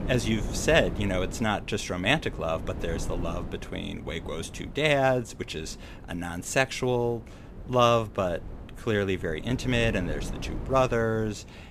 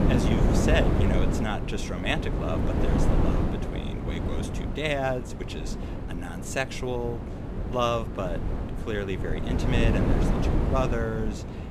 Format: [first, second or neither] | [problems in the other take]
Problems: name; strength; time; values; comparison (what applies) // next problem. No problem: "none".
first | wind noise on the microphone; heavy; 3 dB below the speech; occasional gusts in the first